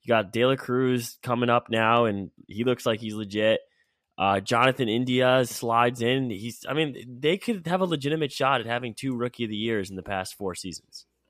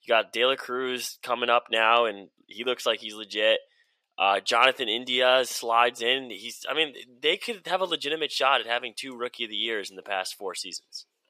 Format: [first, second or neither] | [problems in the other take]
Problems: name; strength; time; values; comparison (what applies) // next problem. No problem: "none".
first | thin; somewhat; fading below 550 Hz